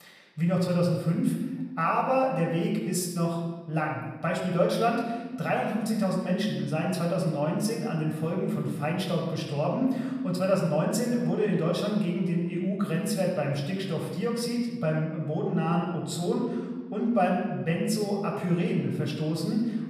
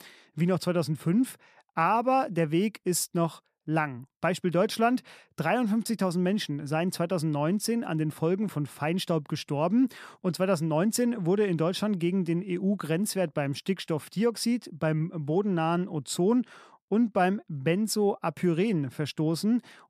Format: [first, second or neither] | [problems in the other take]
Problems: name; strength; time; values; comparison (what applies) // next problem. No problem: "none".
second | off-mic speech; far // room echo; noticeable; dies away in 1.1 s